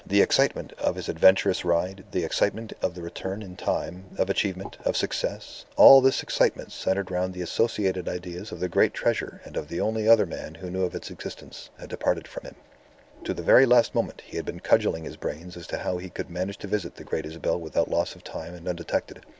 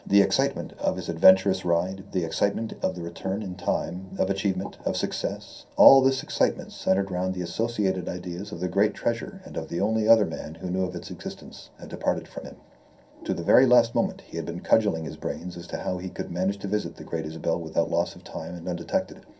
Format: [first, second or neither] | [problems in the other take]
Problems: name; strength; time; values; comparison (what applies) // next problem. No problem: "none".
first | room echo; dies away in 0.3 s